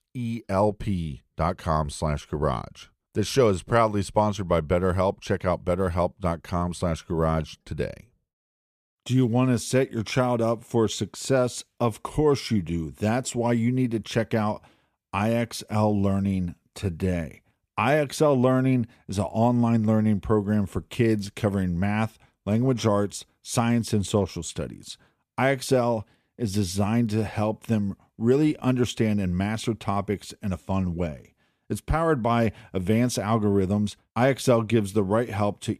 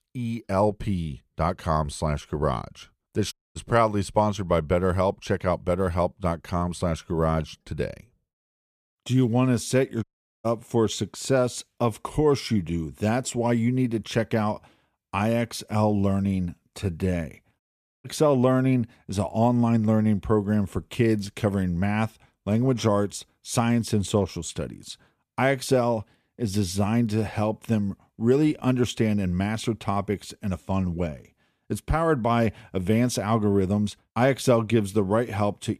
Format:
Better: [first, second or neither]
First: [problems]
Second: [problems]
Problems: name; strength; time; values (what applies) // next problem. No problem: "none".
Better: first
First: none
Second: audio cutting out; at 3.5 s, at 10 s and at 18 s